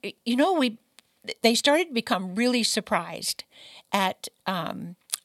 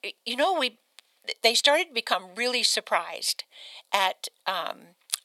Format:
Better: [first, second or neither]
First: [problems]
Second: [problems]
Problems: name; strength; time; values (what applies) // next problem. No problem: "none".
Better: first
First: none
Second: thin; somewhat; fading below 600 Hz